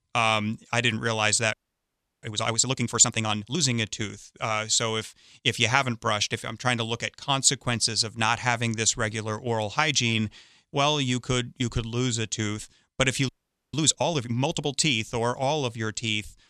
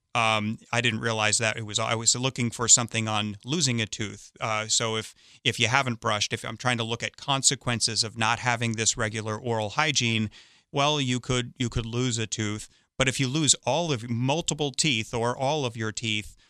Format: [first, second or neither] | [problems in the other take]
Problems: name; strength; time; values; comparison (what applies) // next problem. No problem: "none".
second | audio freezing; at 1.5 s for 0.5 s and at 13 s